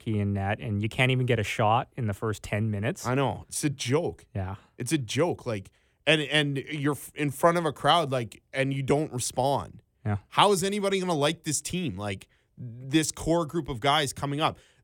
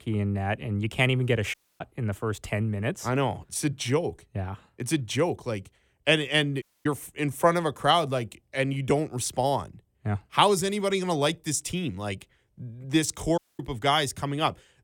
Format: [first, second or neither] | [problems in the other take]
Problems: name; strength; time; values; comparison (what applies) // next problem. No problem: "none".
first | audio cutting out; at 1.5 s, at 6.5 s and at 13 s